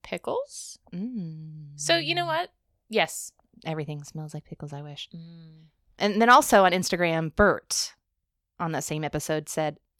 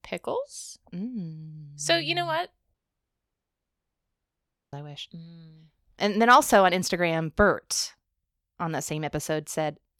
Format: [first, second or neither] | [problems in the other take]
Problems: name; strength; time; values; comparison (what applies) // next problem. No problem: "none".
first | audio cutting out; at 2.5 s for 2 s